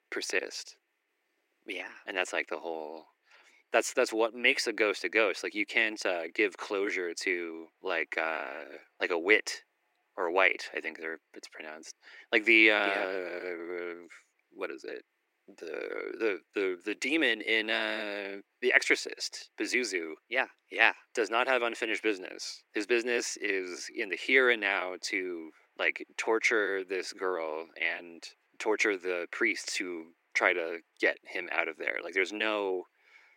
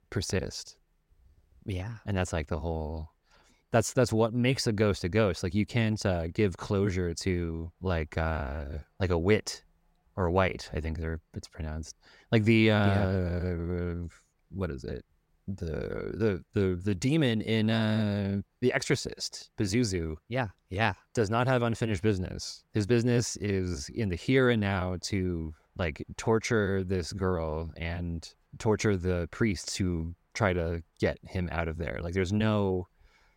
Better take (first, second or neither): second